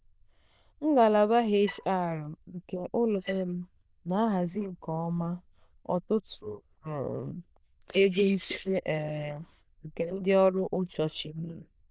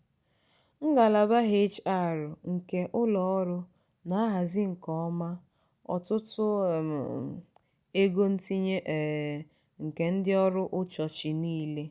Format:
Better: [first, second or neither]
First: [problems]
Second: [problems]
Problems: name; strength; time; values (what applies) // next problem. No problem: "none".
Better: second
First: noise reduction (neural diffusion model UNIVERSE++)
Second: none